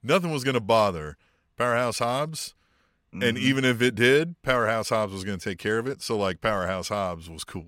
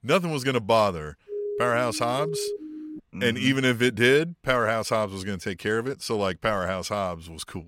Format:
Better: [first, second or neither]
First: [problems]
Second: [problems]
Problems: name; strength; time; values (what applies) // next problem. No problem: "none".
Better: first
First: none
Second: siren; noticeable; from 1.5 to 3 s; peak 6 dB below the speech